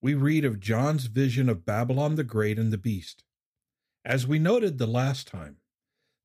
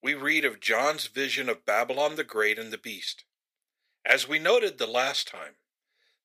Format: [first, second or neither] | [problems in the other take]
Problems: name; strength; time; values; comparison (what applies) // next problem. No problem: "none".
first | thin; very; fading below 500 Hz